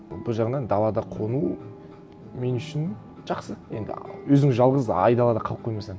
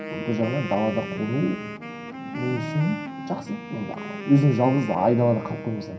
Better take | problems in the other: first | background sound (Wind instrument, woodwind instrument); 11 dB below the speech // room echo; dies away in 0.3 s

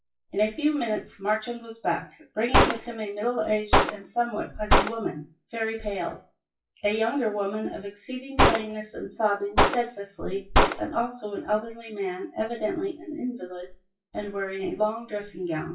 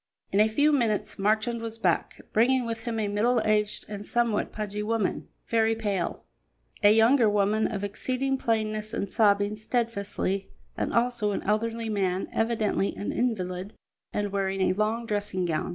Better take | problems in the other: second | noise reduction (classical method WPE with log-MMSE)

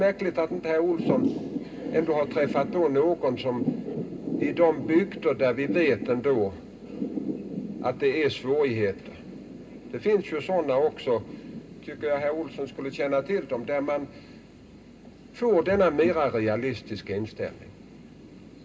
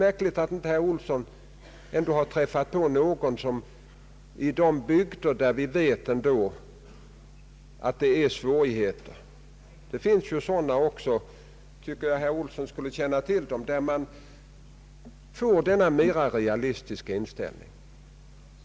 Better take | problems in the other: second | background sound (Thunder / Rain); 9 dB below the speech // room echo; dies away in 0.2 s

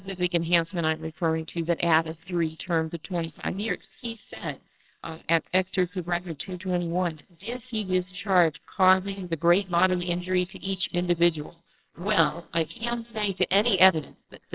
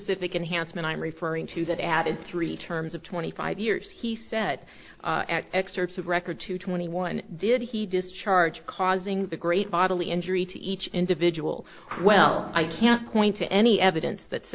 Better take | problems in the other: second | noise reduction (neural separator model SepFormer WHAMR!)

